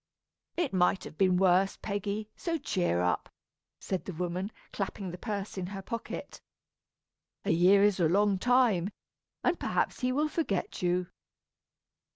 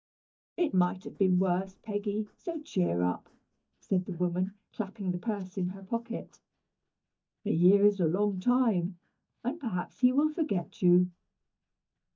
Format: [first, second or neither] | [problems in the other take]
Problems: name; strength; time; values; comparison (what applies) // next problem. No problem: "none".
first | noise reduction (neural mask model DeepFilterNet 3)